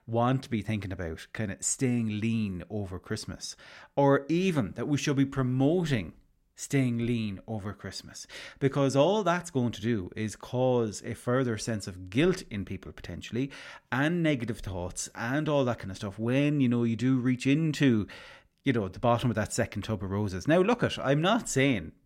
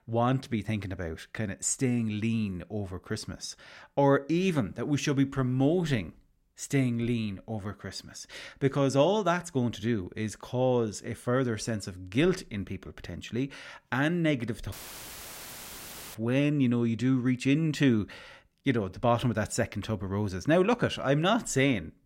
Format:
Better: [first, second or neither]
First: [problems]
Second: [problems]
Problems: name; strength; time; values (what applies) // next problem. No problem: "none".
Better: first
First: none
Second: audio cutting out; filled with static; at 15 s for 1.5 s